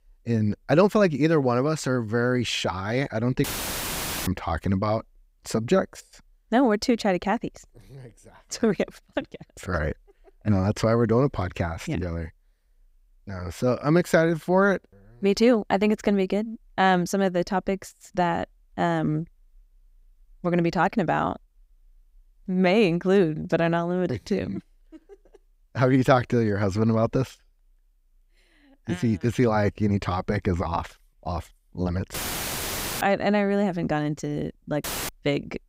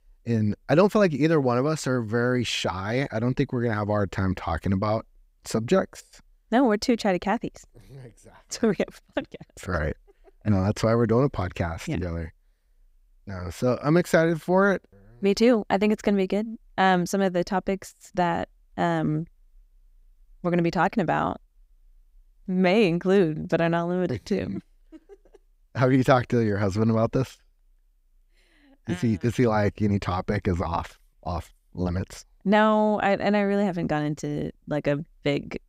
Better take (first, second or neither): second